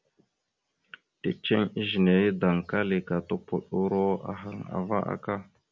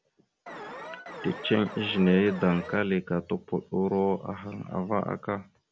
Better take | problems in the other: first | background sound (Alarm); 12 dB below the speech

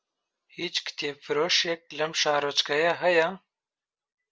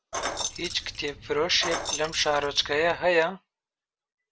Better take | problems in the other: first | background sound (Keys jangling); 7 dB below the speech

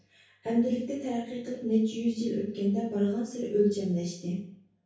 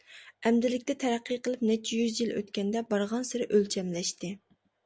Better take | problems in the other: second | room echo; dies away in 0.6 s

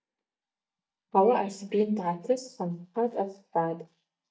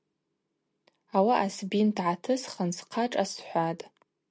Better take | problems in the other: second | noise reduction (neural mask model DeepFilterNet 3)

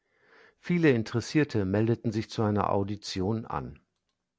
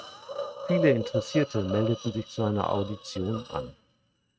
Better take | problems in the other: first | noise reduction (neural mask model RNNoise)

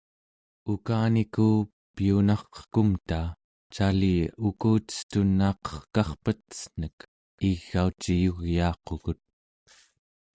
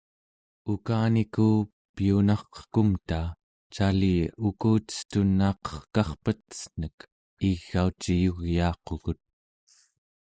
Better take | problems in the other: first | noise reduction (neural mask model Resemble Enhance denoiser)

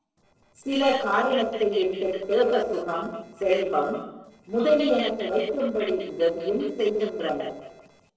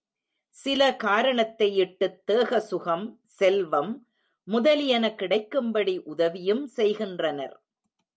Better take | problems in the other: second | noise reduction (neural separator model SepFormer DNS4)

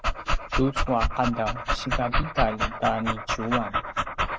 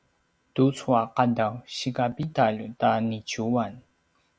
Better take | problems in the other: second | noise reduction (neural mask model Resemble Enhance denoiser)

